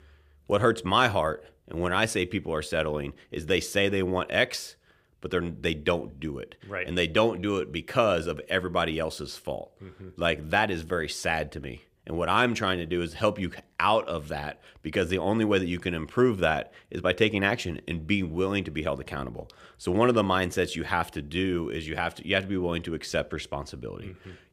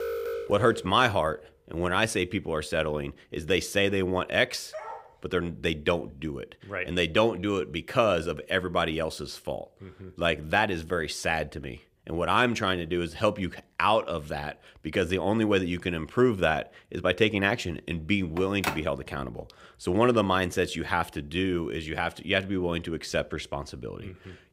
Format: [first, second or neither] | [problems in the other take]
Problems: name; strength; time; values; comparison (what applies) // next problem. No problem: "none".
first | alarm; noticeable; until 1 s; peak 4 dB below the speech // dog barking; faint; at 4.5 s; peak 10 dB below the speech // phone ringing; noticeable; at 18 s; peak 5 dB below the speech